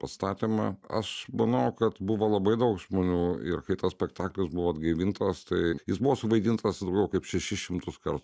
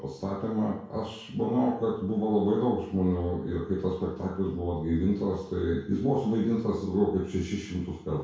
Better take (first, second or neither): first